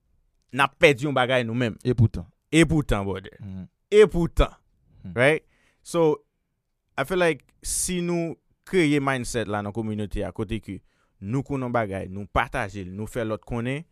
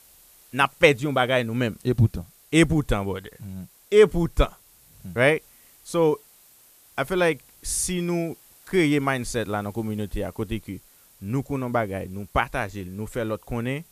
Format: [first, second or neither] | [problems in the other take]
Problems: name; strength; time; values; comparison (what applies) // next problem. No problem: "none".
first | hiss; faint; throughout; 25 dB below the speech